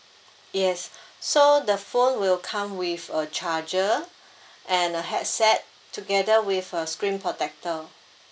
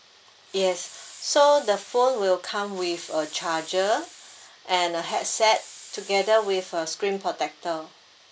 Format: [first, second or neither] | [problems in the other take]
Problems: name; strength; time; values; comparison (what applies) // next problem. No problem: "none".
first | background sound (Hiss); 19 dB below the speech